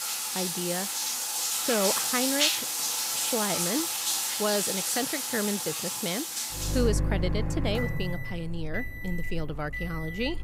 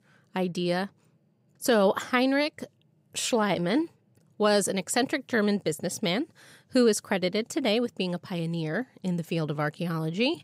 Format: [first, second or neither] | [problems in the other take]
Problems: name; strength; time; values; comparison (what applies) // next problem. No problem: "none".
second | household noises; very loud; throughout; 4 dB above the speech